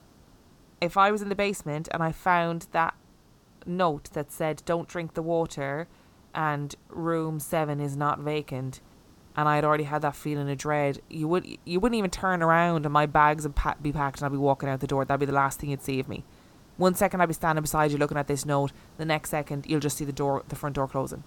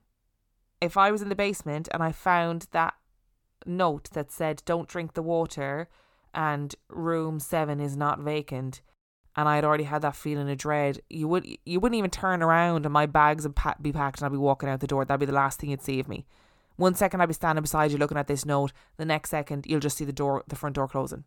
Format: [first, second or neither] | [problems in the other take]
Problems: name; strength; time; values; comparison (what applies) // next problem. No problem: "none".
second | hiss; faint; throughout; 30 dB below the speech